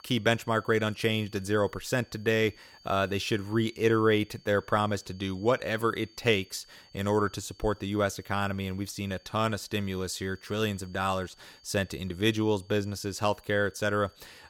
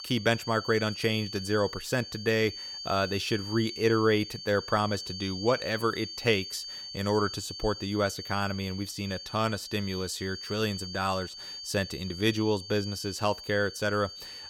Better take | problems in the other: first | high-pitched whine; loud; throughout; 4.5 kHz, 9 dB below the speech; faint in the first

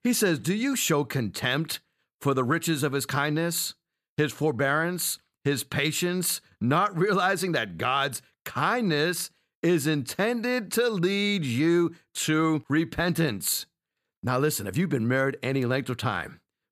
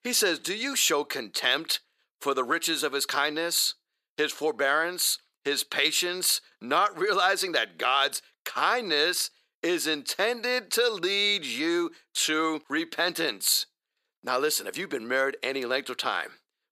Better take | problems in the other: first | thin; somewhat; fading below 400 Hz

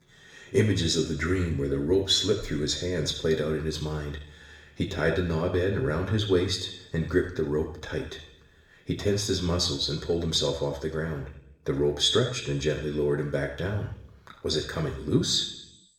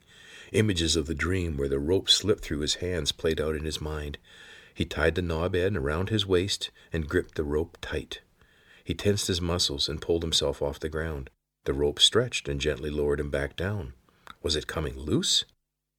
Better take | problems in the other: second | room echo; slight; dies away in 0.7 s // off-mic speech; somewhat distant

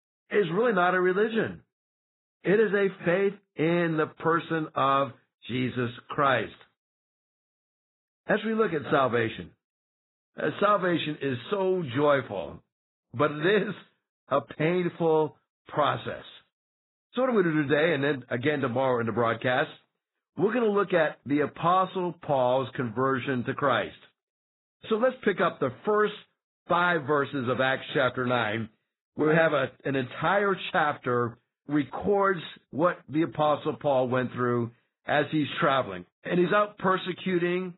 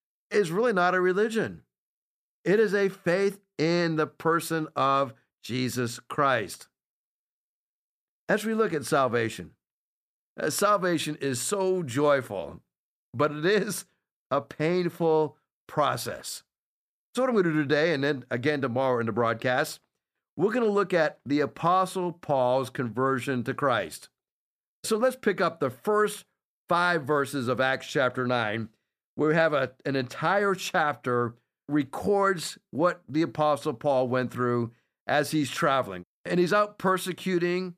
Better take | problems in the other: second | garbled, watery; badly; nothing above 4 kHz

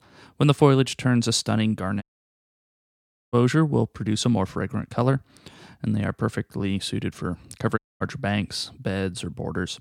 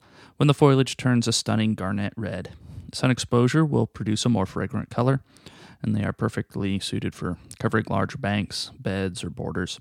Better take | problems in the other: second | audio cutting out; at 2 s for 1.5 s and at 8 s

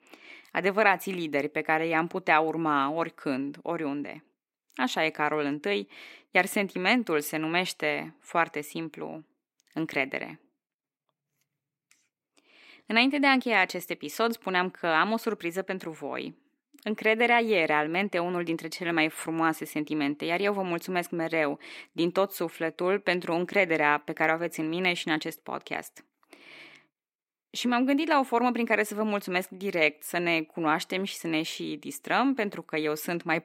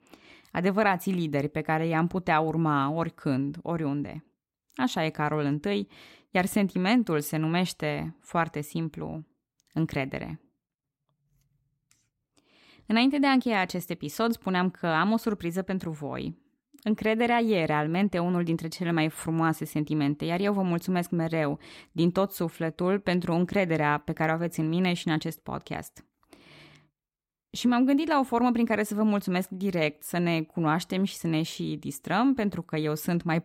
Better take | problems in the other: second | thin; very slightly; fading below 350 Hz

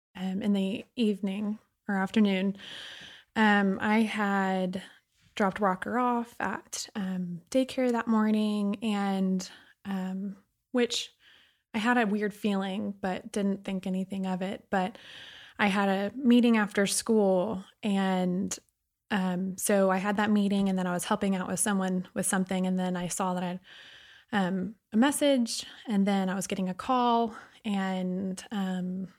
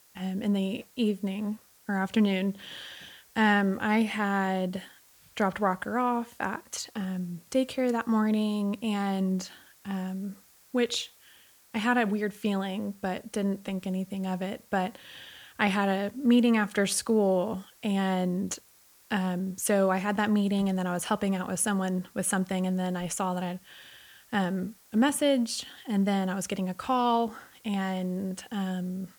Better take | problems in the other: first | hiss; faint; throughout; 30 dB below the speech

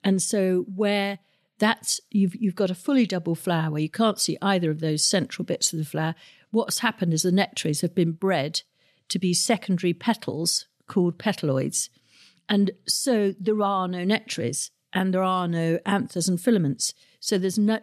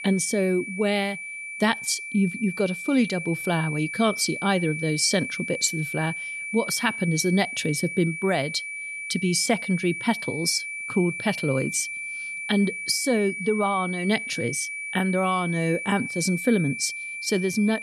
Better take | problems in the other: first | high-pitched whine; loud; throughout; 2.5 kHz, 6 dB below the speech

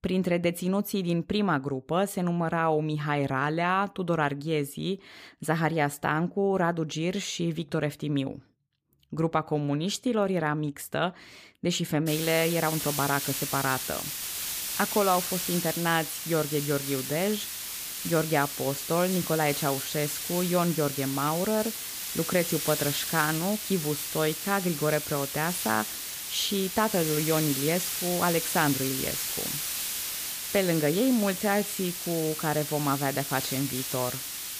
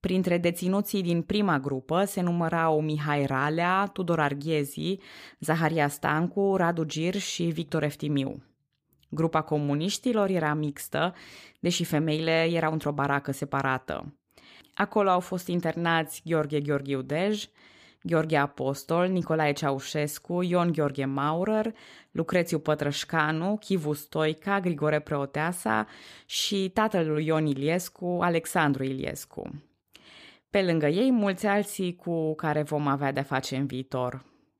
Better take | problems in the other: second | hiss; loud; from 12 s on; 3 dB below the speech

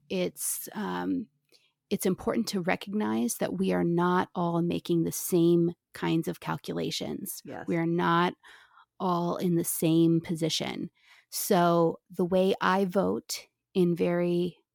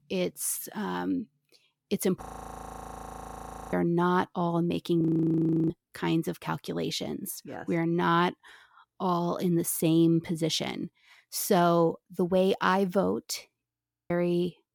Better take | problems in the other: first | audio freezing; at 2 s for 1.5 s, at 5 s for 0.5 s and at 14 s

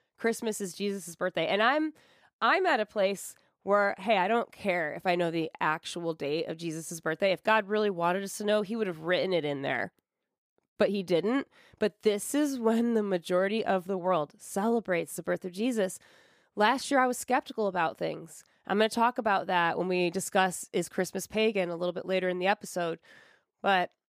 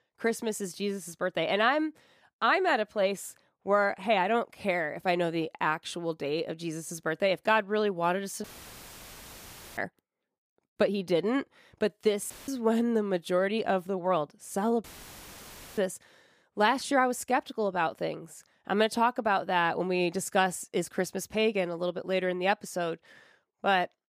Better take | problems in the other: first | audio cutting out; filled with static; at 8.5 s for 1.5 s, at 12 s and at 15 s for 1 s

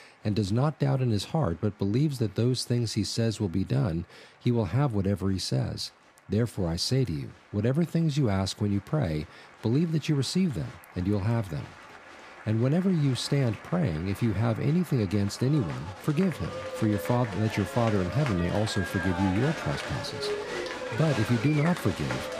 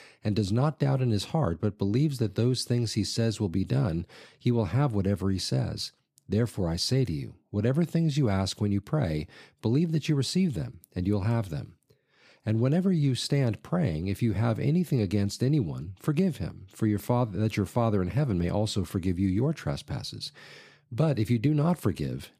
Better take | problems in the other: second | crowd noise; loud; throughout; 9 dB below the speech

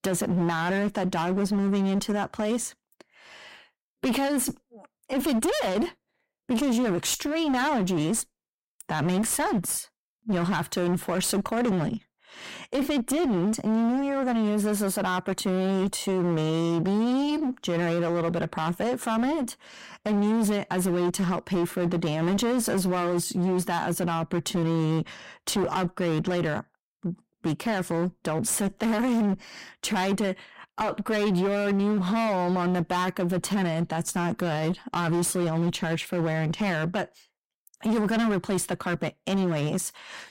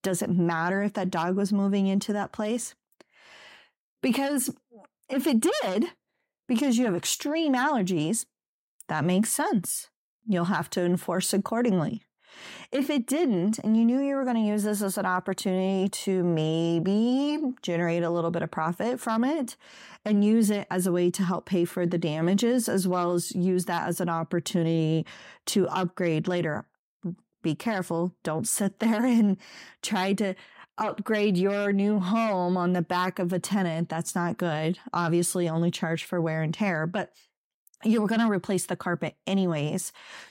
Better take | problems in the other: second | distortion; slight; 23% of the sound clipped

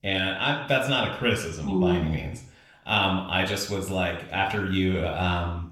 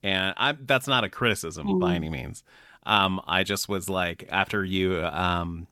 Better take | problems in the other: second | room echo; slight; dies away in 0.5 s // off-mic speech; somewhat distant

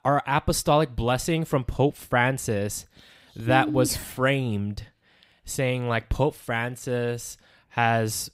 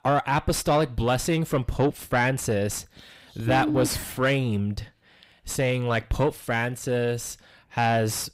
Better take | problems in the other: first | distortion; slight; 9 dB below the speech

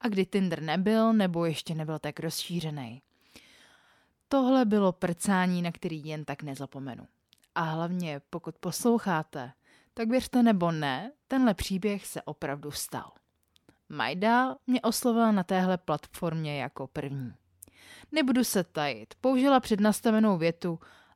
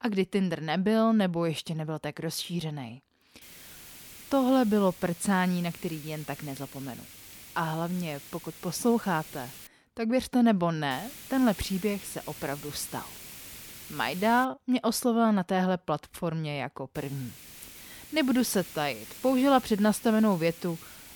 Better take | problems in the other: first | hiss; noticeable; from 3.5 to 9.5 s, from 11 to 14 s and from 17 s on; 15 dB below the speech

